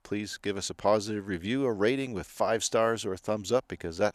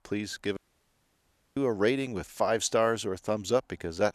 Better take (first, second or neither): first